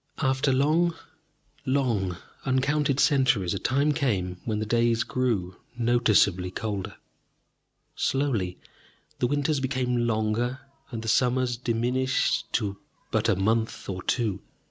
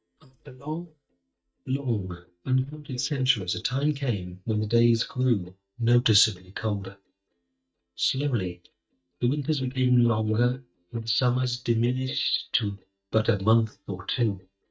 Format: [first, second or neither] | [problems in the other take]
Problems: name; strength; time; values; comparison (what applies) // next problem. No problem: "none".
first | noise reduction (neural mask model DeepFilterNet 3)